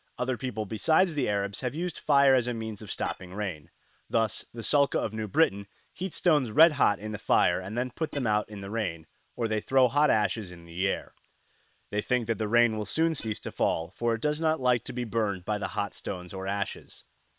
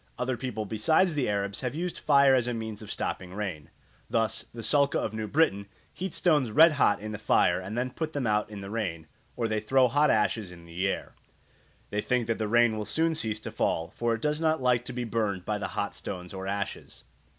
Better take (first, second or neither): second